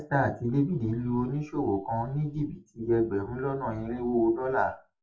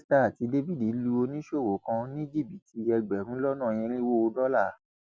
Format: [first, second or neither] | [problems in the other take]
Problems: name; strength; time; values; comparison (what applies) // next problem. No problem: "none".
second | room echo; dies away in 0.2 s